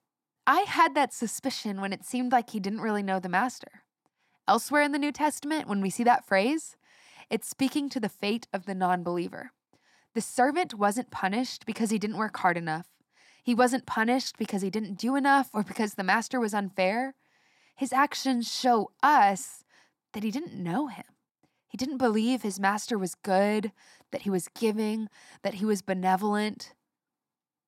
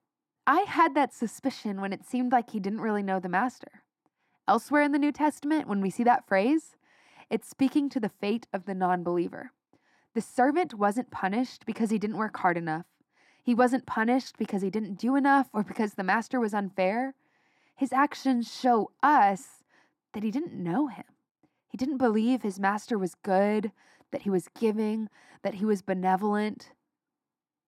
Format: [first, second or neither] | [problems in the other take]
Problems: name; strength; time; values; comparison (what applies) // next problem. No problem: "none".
first | muffled; slightly; fading above 2.5 kHz